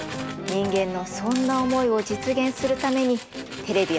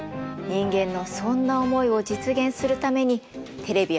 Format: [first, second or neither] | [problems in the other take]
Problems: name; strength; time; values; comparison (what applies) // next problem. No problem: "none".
second | background sound (Tools); 14 dB below the speech